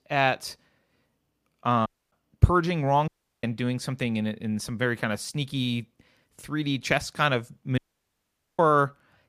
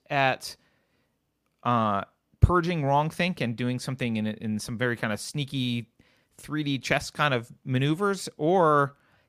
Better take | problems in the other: second | audio cutting out; at 2 s, at 3 s and at 8 s for 1 s

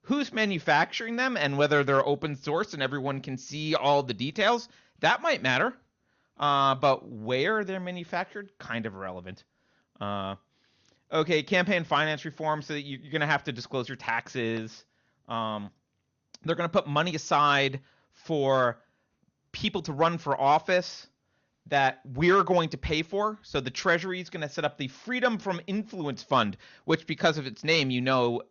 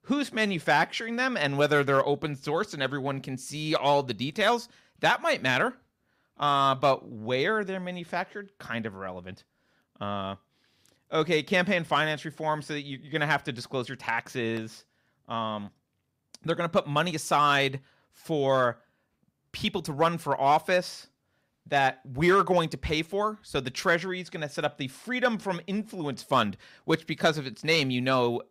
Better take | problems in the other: second | garbled, watery; slightly; nothing above 6.5 kHz

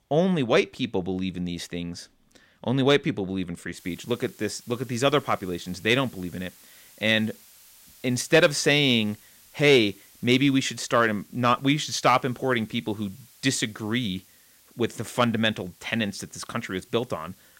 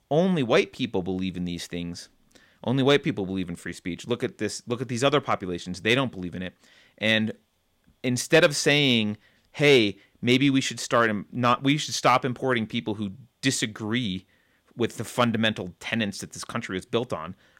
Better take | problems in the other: second | hiss; faint; from 4 s on; 25 dB below the speech

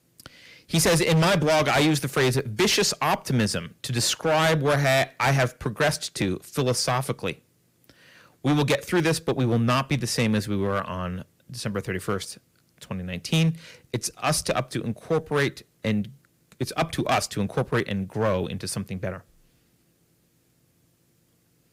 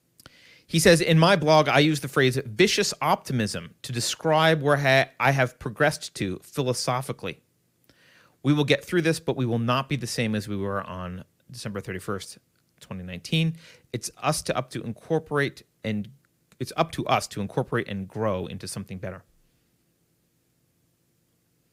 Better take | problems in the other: second | distortion; heavy; 8% of the sound clipped

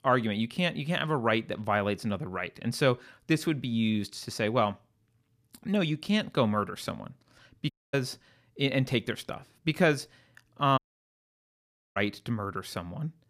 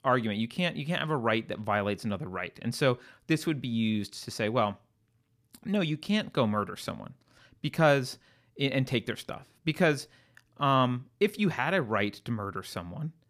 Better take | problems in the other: second | audio cutting out; at 7.5 s and at 11 s for 1 s

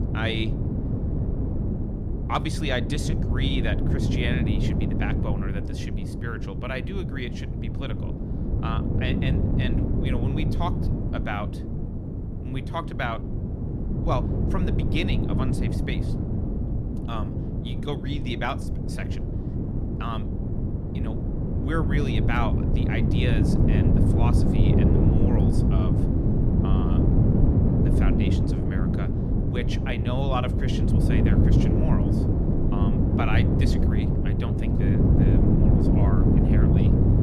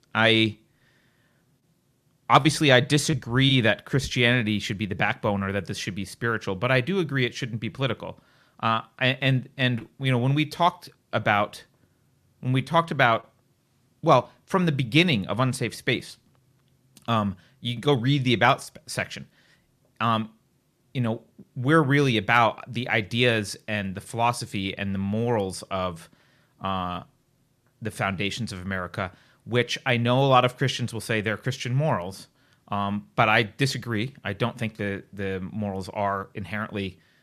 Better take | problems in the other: second | wind noise on the microphone; heavy; 1 dB above the speech

